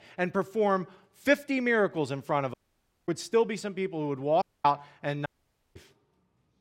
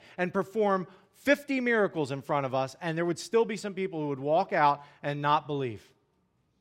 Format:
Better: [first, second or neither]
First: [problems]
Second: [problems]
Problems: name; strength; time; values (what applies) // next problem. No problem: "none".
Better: second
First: audio cutting out; at 2.5 s for 0.5 s, at 4.5 s and at 5.5 s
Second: none